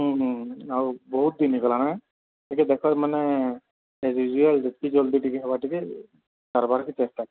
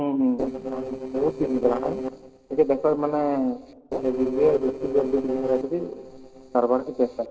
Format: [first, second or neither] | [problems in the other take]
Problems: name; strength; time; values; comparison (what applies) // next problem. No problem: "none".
first | noise reduction (neural separator model SepFormer DNS4)